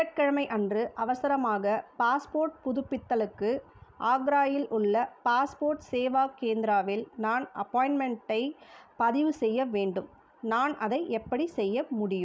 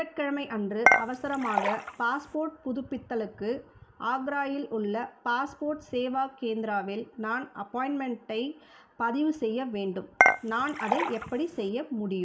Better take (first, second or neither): first